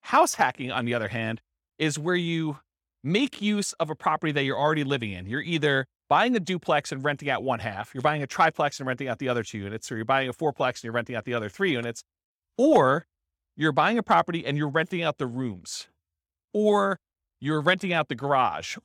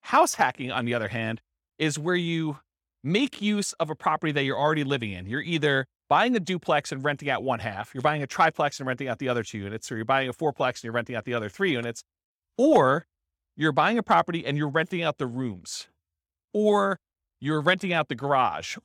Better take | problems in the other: neither | none

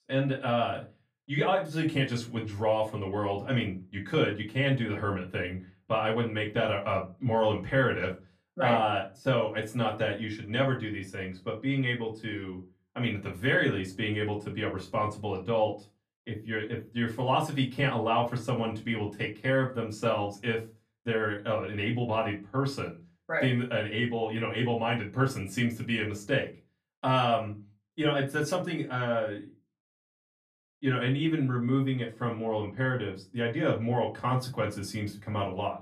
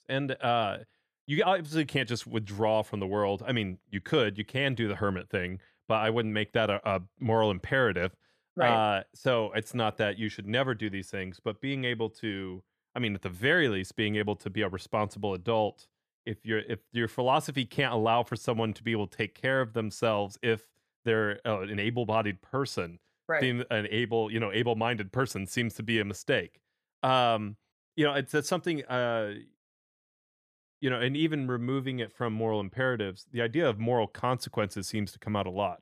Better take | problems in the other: second | off-mic speech; far // room echo; very slight; dies away in 0.2 s

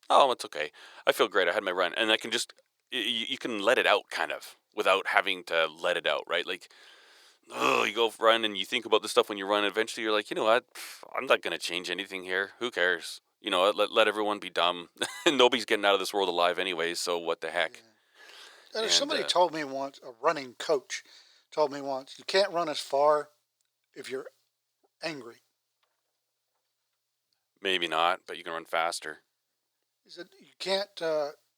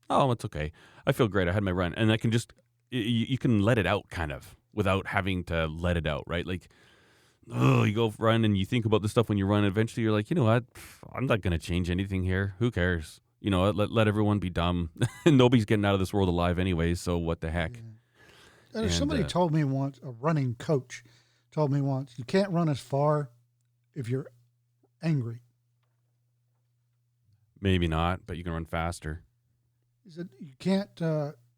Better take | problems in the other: second | thin; very; fading below 450 Hz

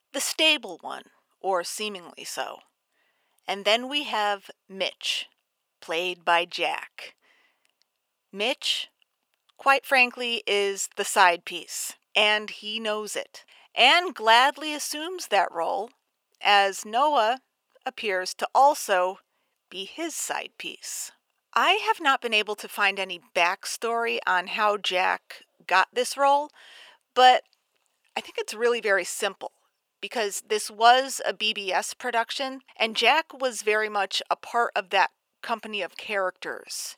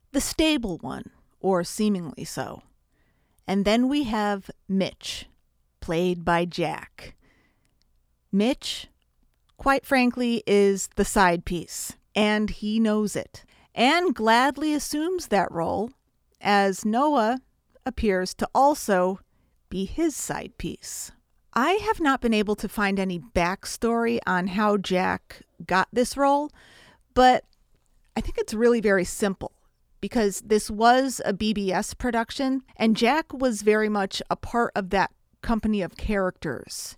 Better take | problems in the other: second | thin; very; fading below 650 Hz

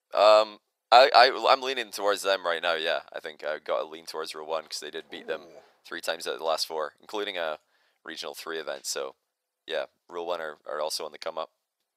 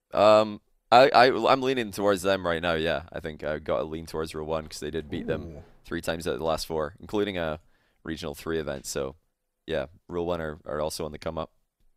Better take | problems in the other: second | thin; very; fading below 650 Hz

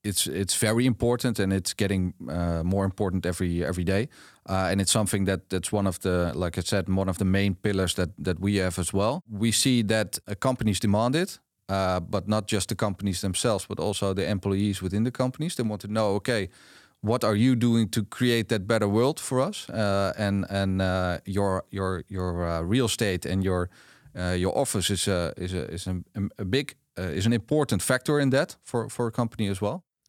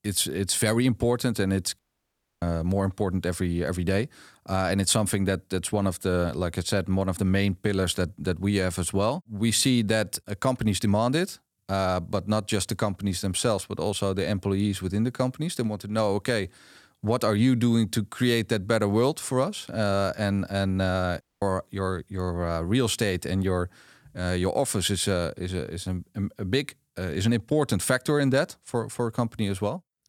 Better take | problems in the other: first | audio cutting out; at 2 s for 0.5 s and at 21 s

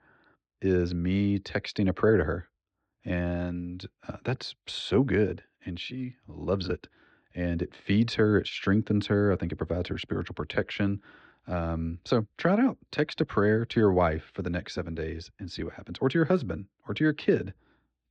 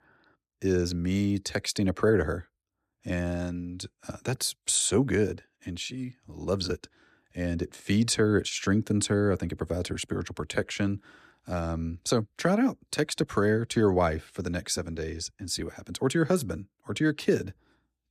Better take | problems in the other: second | muffled; slightly; fading above 4 kHz

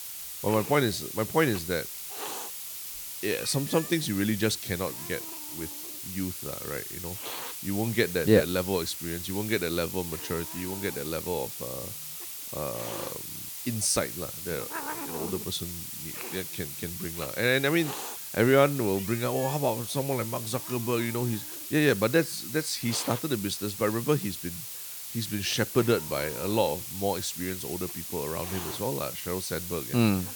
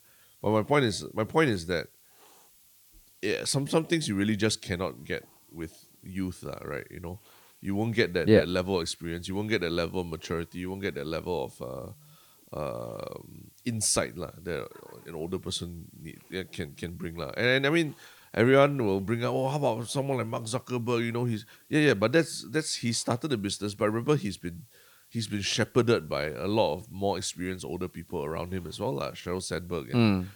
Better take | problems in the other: second | hiss; loud; throughout; 6 dB below the speech; faint in the second

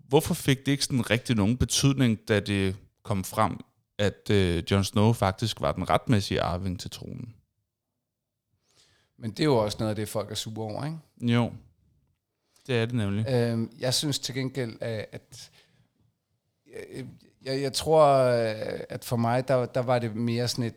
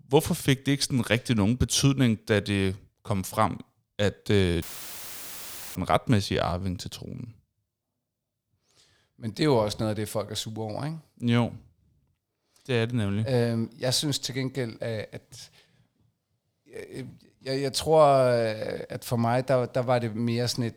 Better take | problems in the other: first | audio cutting out; filled with static; at 4.5 s for 1 s

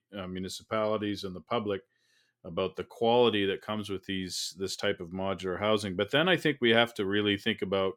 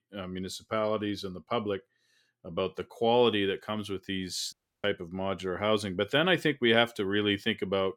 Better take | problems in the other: first | audio cutting out; at 4.5 s

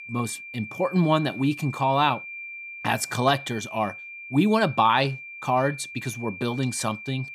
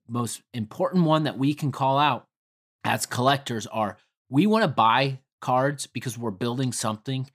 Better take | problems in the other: second | high-pitched whine; noticeable; throughout; 2.5 kHz, 10 dB below the speech

